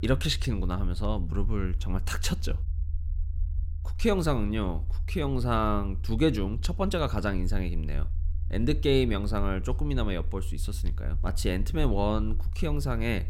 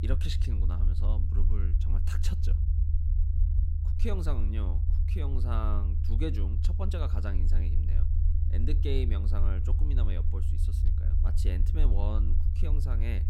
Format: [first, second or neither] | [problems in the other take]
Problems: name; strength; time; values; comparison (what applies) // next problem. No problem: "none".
first | low rumble; loud; throughout; 5 dB below the speech; faint in the first